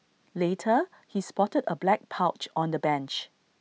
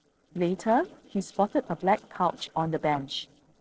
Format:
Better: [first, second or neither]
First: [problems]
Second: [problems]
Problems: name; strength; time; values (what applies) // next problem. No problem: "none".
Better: first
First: none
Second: noise reduction (neural separator model SepFormer DNS4)